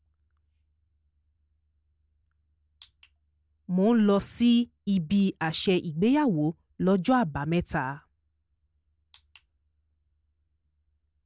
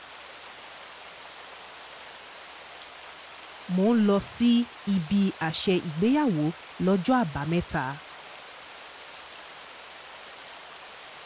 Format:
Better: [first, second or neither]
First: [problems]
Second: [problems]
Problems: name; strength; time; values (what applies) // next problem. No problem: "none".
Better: first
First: none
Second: background sound (Water); 16 dB below the speech